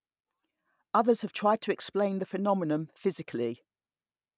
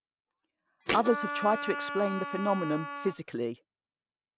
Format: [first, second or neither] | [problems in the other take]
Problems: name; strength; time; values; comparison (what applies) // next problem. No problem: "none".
first | background sound (Wind instrument, woodwind instrument + Thump, thud); 4 dB below the speech